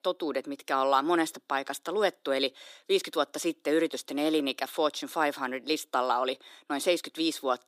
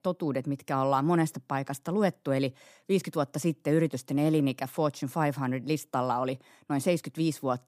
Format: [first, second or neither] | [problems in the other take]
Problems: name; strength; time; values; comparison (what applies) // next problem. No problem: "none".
second | thin; somewhat; fading below 350 Hz